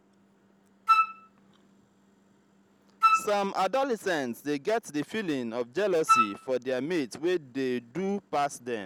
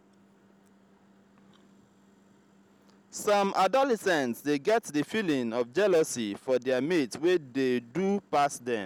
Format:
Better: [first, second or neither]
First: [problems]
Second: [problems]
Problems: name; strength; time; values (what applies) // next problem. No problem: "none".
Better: second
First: background sound (Wind instrument, woodwind instrument); 4 dB above the speech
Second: none